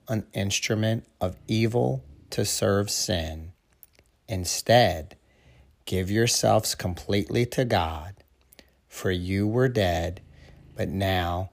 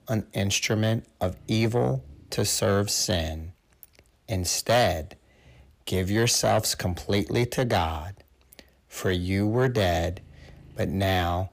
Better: first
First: none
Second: distortion; slight; 10 dB below the speech

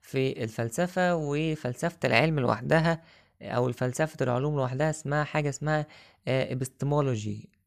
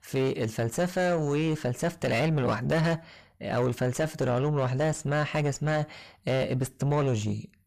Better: first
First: none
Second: distortion; heavy; 6 dB below the speech

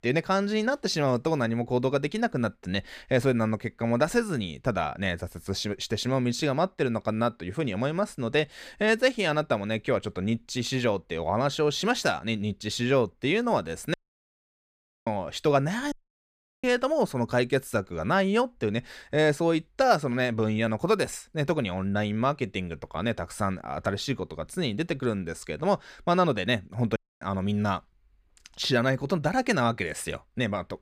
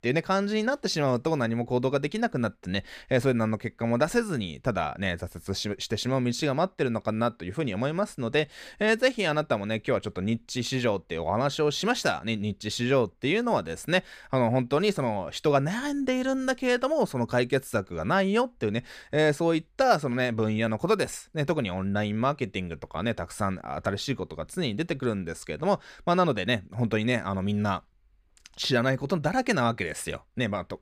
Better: second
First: audio cutting out; at 14 s for 1 s, at 16 s for 0.5 s and at 27 s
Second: none

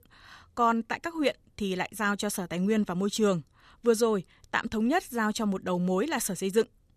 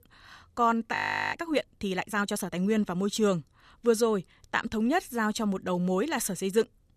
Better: first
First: none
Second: audio freezing; at 1 s

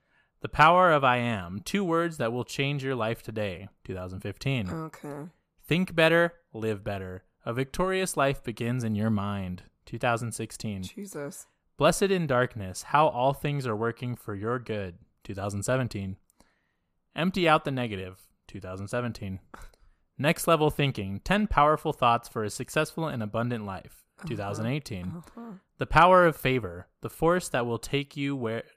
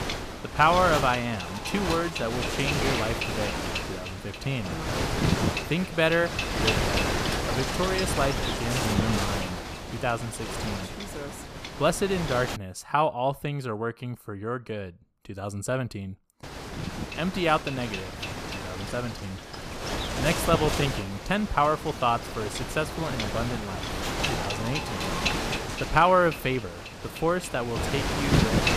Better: first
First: none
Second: wind noise on the microphone; heavy; until 13 s and from 16 s on; 4 dB below the speech

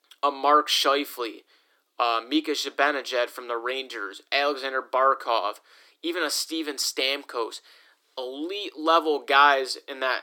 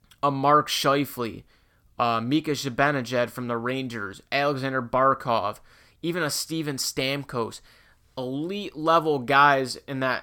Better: second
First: thin; somewhat; fading below 300 Hz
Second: none

